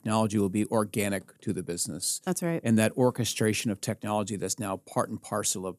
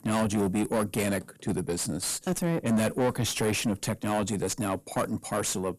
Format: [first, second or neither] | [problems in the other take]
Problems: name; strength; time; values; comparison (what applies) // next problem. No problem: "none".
first | distortion; heavy; 6 dB below the speech